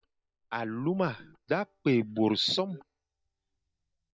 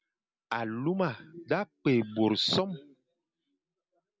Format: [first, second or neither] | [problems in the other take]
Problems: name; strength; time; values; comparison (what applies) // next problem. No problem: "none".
second | noise reduction (neural mask model DeepFilterNet 3)